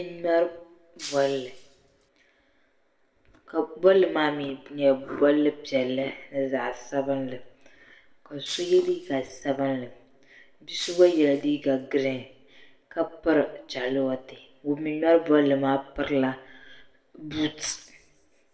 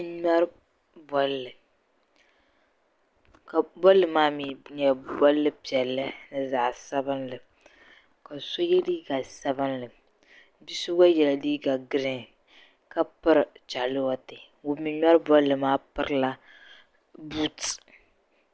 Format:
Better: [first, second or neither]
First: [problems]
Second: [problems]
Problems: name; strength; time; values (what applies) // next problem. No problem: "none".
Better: second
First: background sound (Shatter); 17 dB below the speech // room echo; dies away in 0.6 s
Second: none